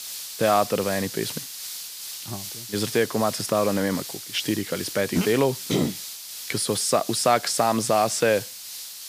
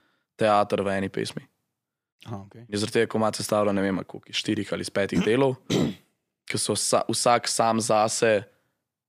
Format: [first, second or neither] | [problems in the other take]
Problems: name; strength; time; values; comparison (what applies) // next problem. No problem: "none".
second | hiss; loud; throughout; 9 dB below the speech